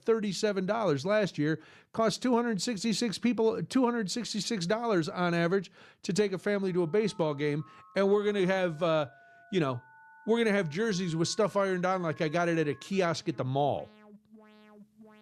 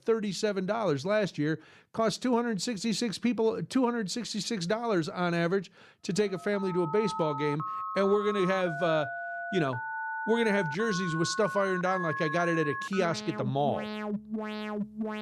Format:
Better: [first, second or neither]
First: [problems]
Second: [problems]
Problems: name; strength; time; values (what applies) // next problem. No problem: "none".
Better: first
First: alarms or sirens; faint; from 6.5 s on; 25 dB below the speech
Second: alarms or sirens; loud; from 6.5 s on; 6 dB below the speech